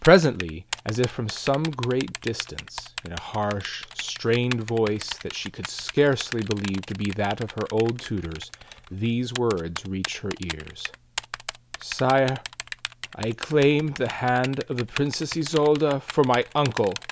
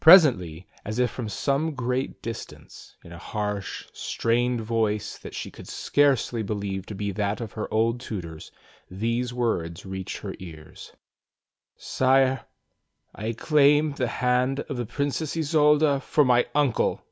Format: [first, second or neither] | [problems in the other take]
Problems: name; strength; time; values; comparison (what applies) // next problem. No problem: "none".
second | background sound (Typing); 13 dB below the speech